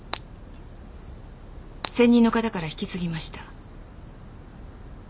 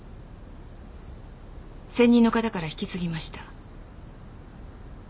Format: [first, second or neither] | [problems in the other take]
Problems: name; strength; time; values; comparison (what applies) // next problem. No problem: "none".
second | background sound (Shatter); 18 dB below the speech